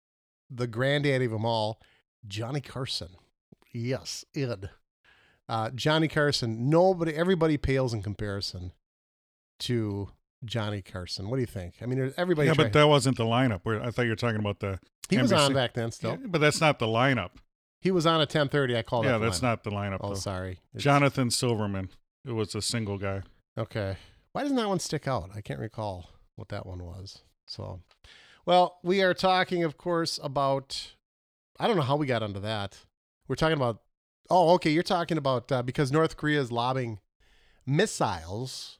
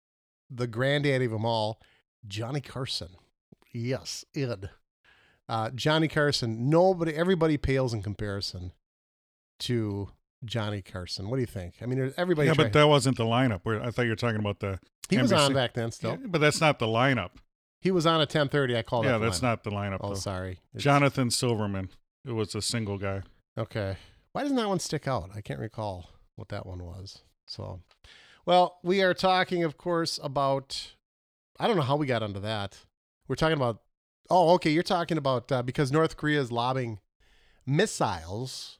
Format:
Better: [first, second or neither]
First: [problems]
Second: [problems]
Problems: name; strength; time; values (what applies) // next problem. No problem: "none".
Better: neither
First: none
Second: none